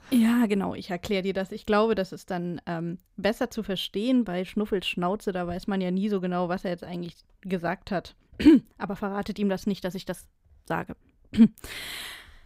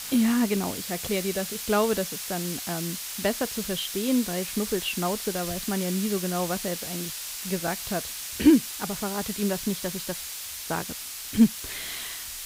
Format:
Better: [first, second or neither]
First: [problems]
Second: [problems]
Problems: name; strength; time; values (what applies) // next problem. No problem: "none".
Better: first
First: none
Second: hiss; loud; throughout; 5 dB below the speech